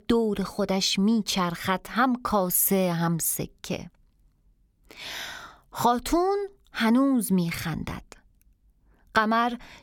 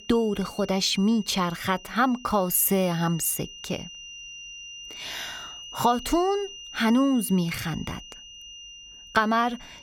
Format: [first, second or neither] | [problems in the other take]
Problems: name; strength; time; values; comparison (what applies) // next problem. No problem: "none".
first | high-pitched whine; noticeable; throughout; 3 kHz, 15 dB below the speech